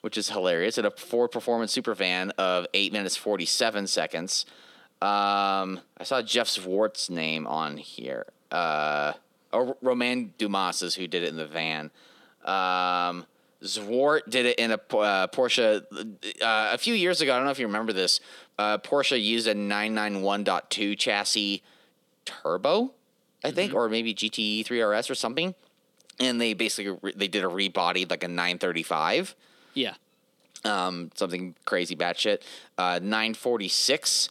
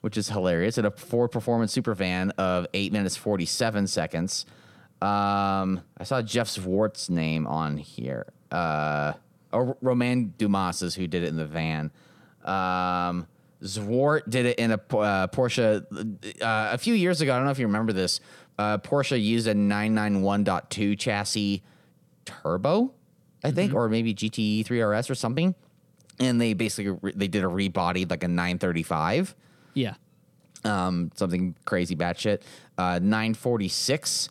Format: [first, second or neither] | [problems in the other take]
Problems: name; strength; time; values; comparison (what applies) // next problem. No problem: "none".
second | thin; somewhat; fading below 300 Hz